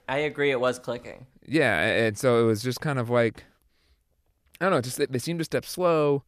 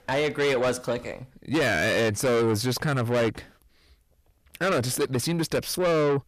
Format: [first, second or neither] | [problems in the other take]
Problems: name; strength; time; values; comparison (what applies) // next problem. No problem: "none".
first | distortion; heavy; 7 dB below the speech